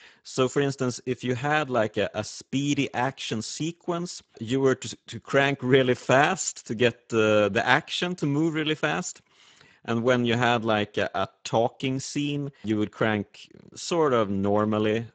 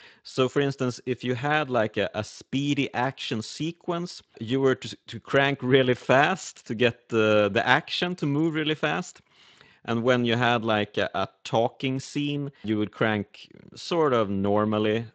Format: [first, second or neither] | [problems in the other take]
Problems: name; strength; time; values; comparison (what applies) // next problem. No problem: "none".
second | garbled, watery; badly; nothing above 7.5 kHz; slightly in the second